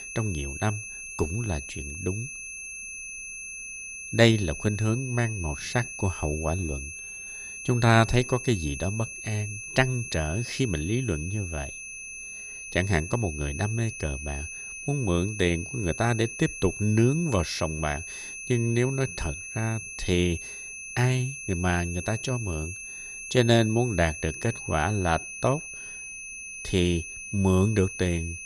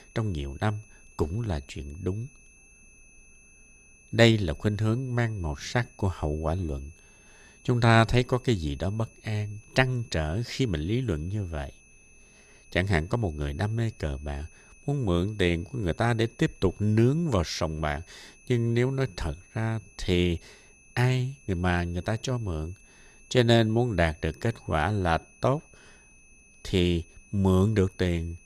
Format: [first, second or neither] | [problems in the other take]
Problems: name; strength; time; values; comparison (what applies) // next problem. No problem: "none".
second | high-pitched whine; loud; throughout; 2.5 kHz, 9 dB below the speech; faint in the second